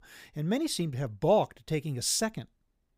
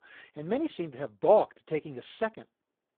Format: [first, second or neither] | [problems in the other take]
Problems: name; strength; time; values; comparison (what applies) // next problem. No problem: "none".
first | phone-call audio; poor line; nothing above 4 kHz